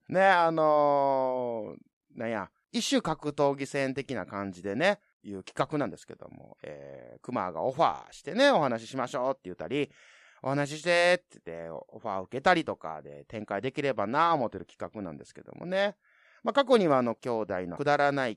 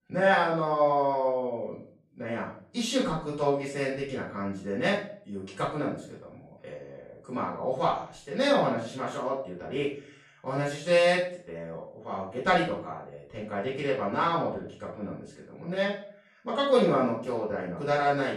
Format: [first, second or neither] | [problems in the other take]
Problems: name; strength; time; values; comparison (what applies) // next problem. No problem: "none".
first | off-mic speech; far // room echo; noticeable; dies away in 0.4 s